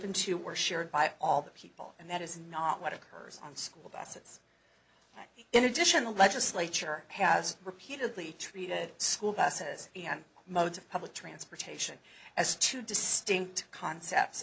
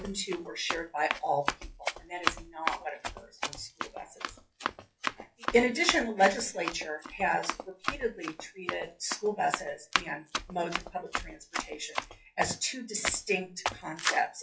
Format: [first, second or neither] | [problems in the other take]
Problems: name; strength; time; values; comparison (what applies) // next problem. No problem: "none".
first | noise reduction (classical method WPE with log-MMSE)